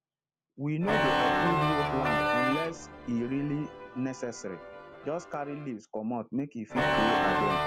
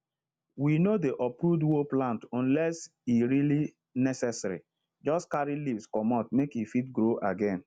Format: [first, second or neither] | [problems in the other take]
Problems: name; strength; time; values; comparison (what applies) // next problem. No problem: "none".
second | background sound (Organ); 3 dB above the speech